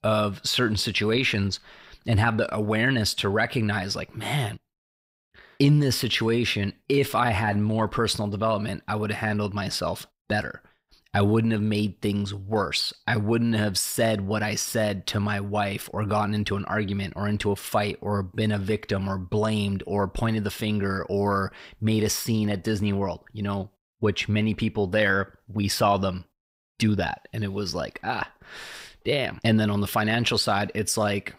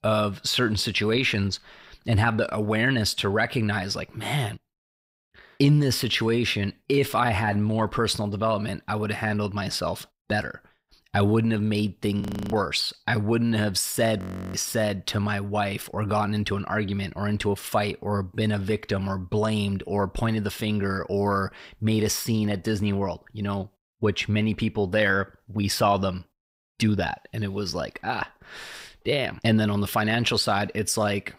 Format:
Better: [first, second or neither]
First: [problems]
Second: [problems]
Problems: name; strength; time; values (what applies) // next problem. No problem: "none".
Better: first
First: none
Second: audio freezing; at 12 s and at 14 s